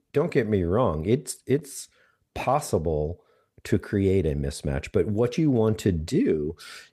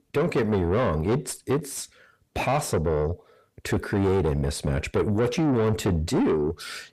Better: first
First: none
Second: distortion; heavy; 8 dB below the speech

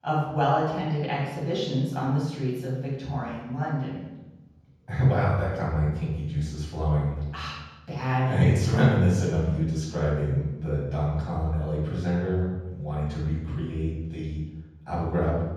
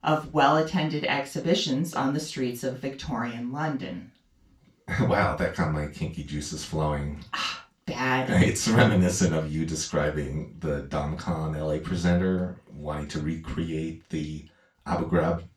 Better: second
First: room echo; strong; dies away in 1.3 s // off-mic speech; far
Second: room echo; slight; dies away in 0.3 s // off-mic speech; far

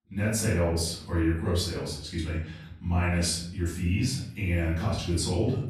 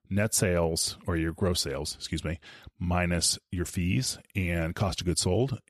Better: second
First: off-mic speech; far // room echo; noticeable; dies away in 0.7 s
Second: none

